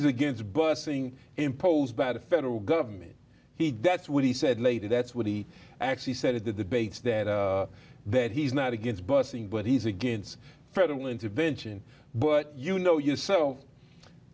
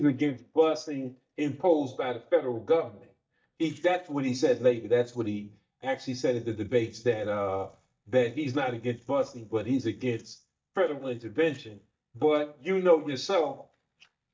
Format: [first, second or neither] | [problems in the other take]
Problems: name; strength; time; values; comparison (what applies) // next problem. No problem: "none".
first | noise reduction (neural mask model DeepFilterNet 3)